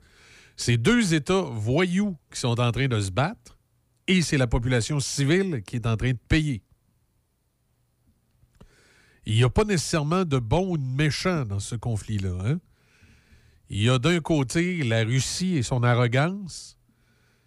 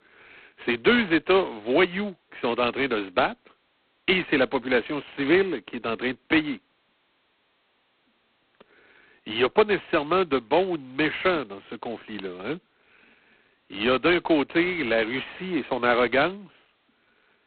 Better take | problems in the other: first | phone-call audio; poor line; nothing above 4 kHz

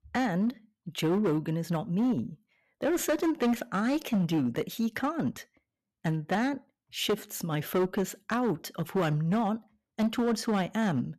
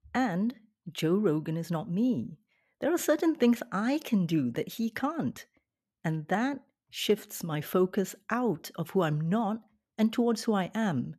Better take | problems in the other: second | distortion; slight; 9% of the sound clipped

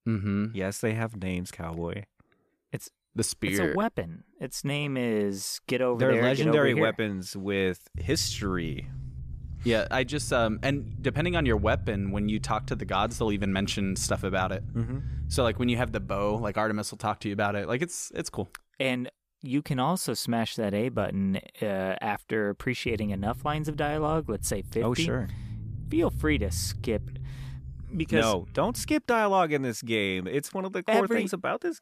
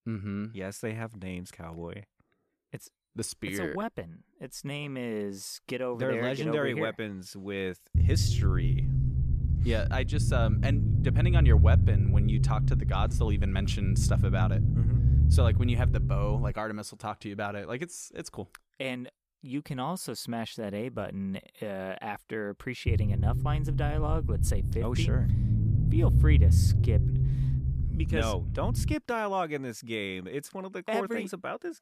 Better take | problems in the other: first | low rumble; loud; from 8 to 17 s and from 23 to 29 s; 5 dB below the speech; faint in the first

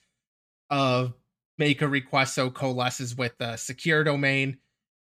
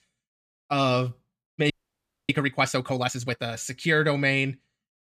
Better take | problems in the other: first | audio freezing; at 1.5 s for 0.5 s

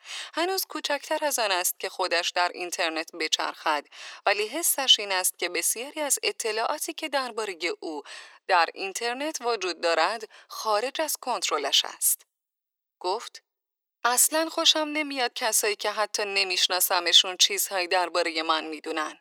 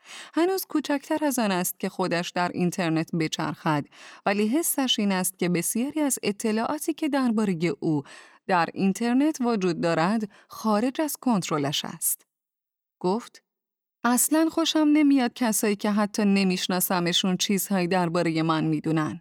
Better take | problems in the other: second | thin; very; fading below 400 Hz

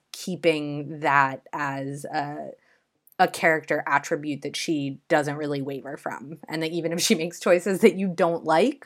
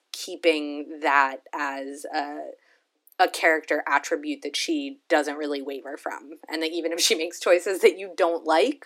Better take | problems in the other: first | thin; very slightly; fading below 300 Hz

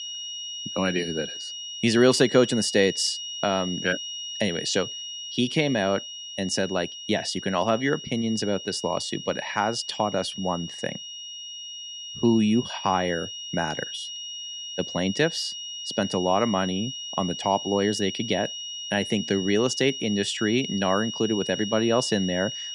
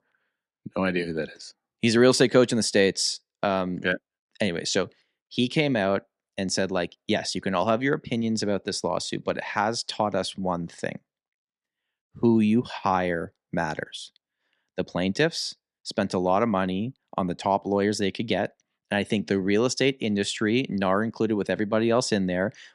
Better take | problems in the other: second | high-pitched whine; loud; throughout; 3 kHz, 8 dB below the speech

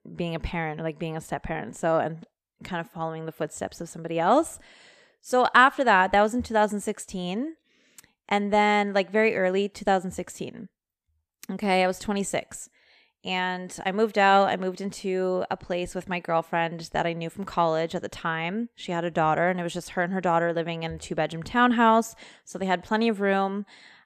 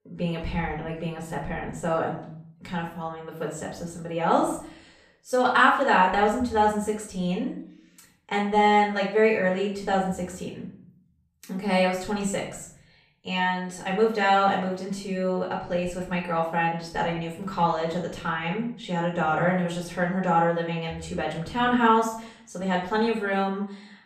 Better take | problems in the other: first | off-mic speech; far // room echo; slight; dies away in 0.6 s

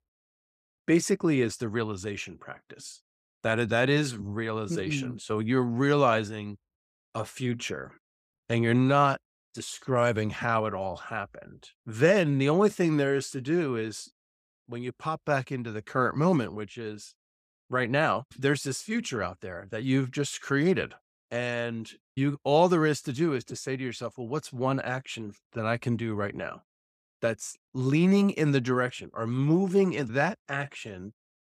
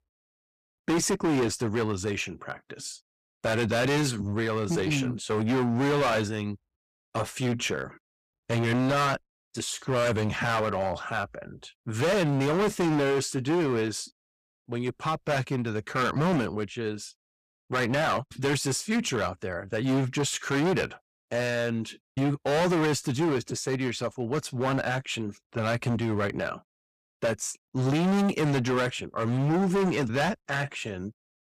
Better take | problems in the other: first | distortion; heavy; 16% of the sound clipped

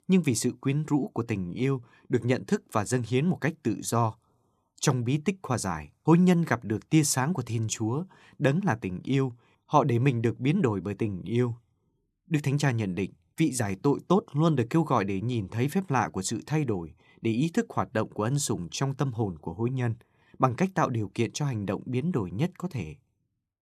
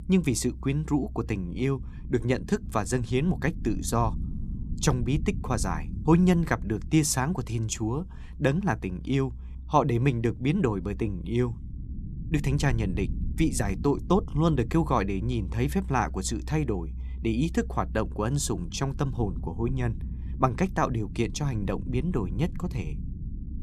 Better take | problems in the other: first | low rumble; noticeable; throughout; 20 dB below the speech

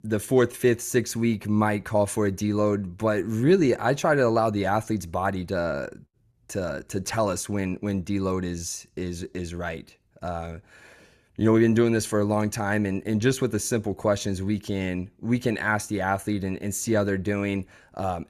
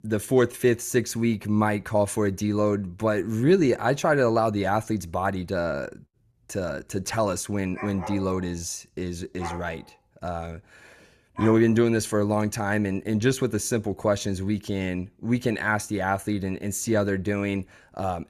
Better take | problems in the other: first | dog barking; faint; from 8 to 12 s; peak 10 dB below the speech

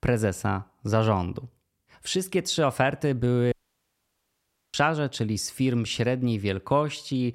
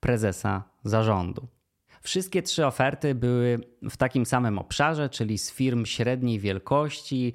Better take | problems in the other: second | audio cutting out; at 3.5 s for 1 s

